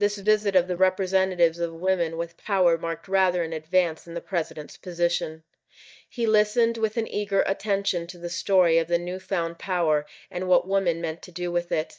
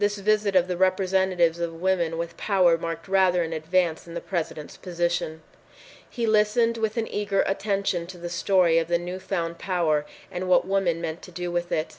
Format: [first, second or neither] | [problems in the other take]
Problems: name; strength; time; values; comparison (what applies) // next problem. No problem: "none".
second | noise reduction (neural mask model DeepFilterNet 3)